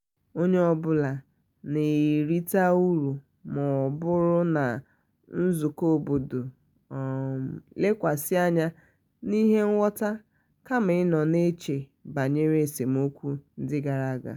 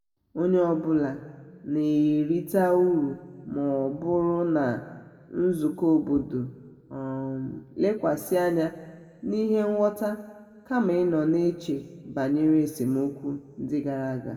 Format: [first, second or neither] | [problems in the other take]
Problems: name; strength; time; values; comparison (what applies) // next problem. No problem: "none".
first | room echo; dies away in 1.1 s